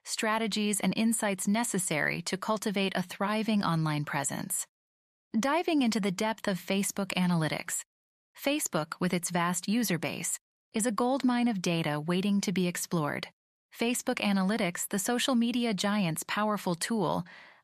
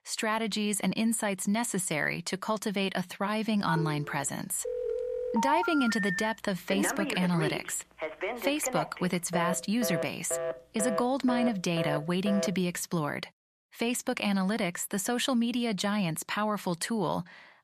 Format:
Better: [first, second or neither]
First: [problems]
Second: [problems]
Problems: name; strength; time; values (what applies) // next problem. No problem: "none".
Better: first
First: none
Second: phone ringing; loud; from 3.5 to 13 s; peak level with the speech